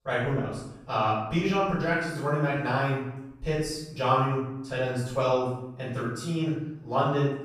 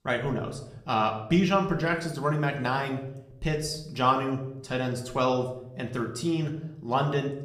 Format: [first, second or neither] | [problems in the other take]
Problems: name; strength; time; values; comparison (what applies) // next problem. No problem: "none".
second | room echo; strong; dies away in 0.7 s; slight in the second // off-mic speech; far; somewhat distant in the second